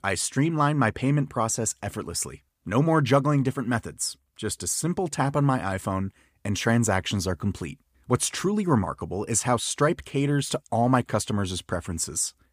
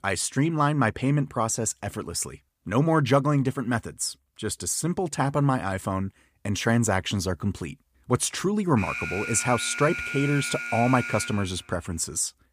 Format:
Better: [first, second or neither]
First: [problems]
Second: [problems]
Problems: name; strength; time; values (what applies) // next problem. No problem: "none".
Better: first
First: none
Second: alarm; noticeable; from 9 to 12 s; peak 5 dB below the speech